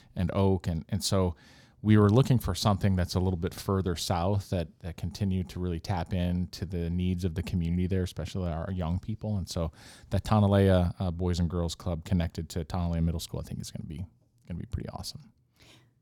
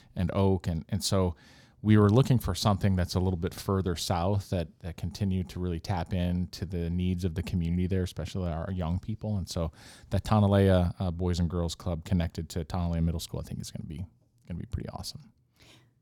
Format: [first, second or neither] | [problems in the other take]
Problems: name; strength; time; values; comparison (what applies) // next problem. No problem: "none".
neither | none